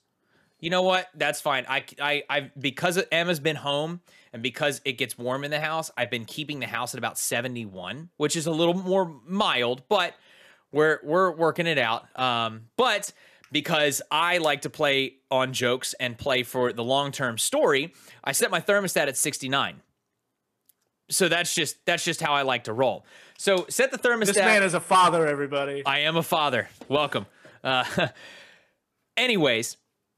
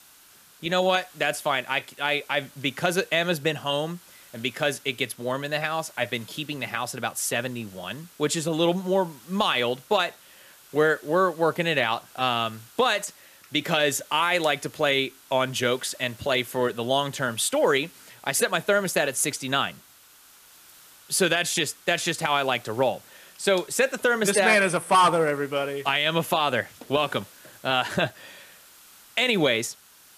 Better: first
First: none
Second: hiss; faint; throughout; 25 dB below the speech

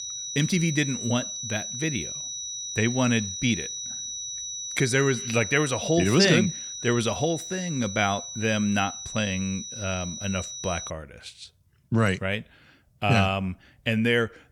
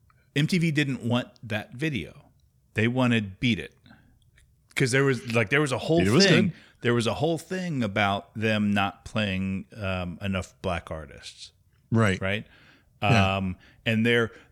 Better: second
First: high-pitched whine; loud; until 11 s; 6 kHz, 7 dB below the speech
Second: none

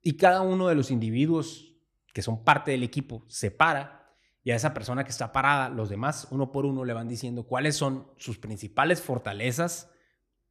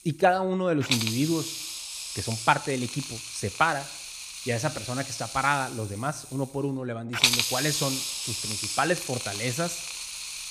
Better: first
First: none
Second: hiss; loud; throughout; 1 dB below the speech

